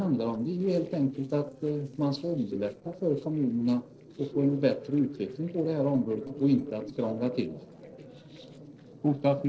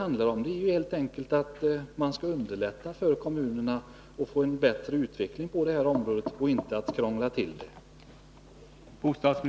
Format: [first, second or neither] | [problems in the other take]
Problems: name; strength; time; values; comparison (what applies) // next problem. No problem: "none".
second | noise reduction (neural separator model SepFormer DNS4)